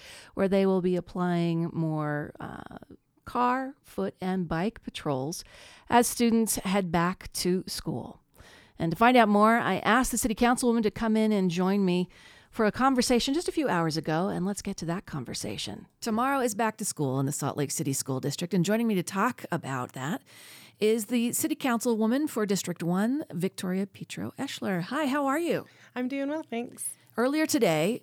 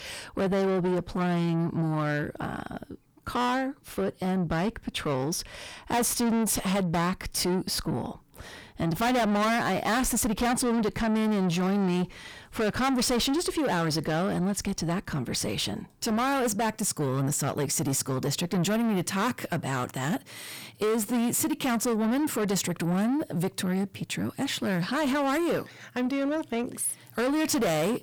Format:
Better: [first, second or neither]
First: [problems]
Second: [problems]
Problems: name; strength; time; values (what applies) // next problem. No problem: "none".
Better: first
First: none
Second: distortion; heavy; 6 dB below the speech